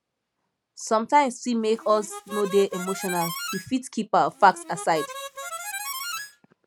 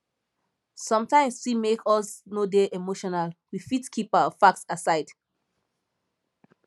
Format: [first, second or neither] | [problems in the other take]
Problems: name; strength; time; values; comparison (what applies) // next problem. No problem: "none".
second | background sound (Harmonica); 10 dB below the speech